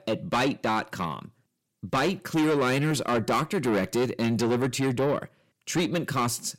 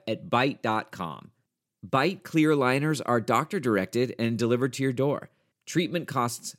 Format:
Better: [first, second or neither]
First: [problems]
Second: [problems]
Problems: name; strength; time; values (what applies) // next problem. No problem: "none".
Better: second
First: distortion; heavy; 7 dB below the speech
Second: none